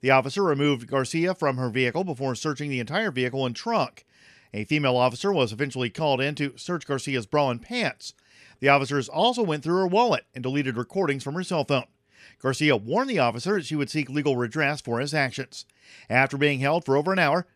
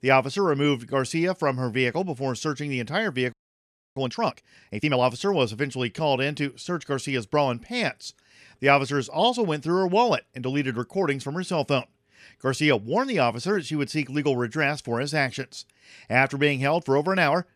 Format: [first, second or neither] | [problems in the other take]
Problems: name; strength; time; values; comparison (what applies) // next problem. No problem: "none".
first | audio freezing; at 3.5 s for 0.5 s